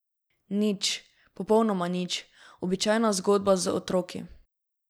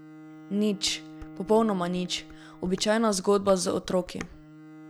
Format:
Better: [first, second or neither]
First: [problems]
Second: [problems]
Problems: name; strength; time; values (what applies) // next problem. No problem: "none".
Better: first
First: none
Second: background sound (Dishes, pots, and pans + Bowed string instrument); 18 dB below the speech